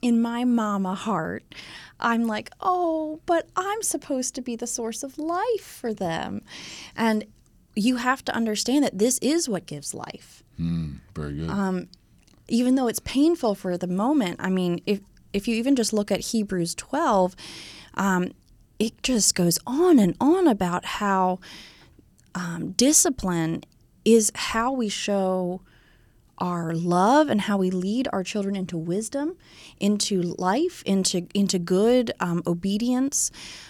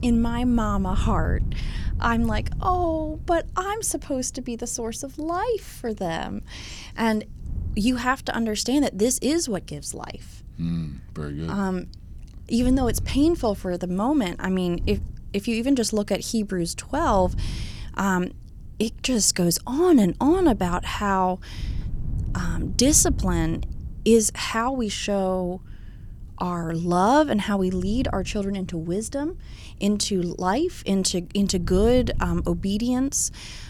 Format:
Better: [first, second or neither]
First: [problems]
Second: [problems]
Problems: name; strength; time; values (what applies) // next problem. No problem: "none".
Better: first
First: none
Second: wind noise on the microphone; occasional gusts; 25 dB below the speech